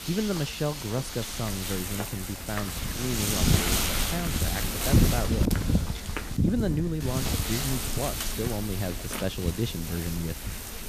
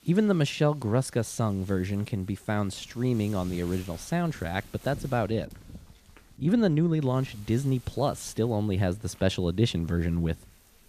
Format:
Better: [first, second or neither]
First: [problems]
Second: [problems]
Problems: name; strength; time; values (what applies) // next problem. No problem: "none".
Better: second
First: wind noise on the microphone; heavy; 4 dB above the speech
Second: wind noise on the microphone; occasional gusts; 20 dB below the speech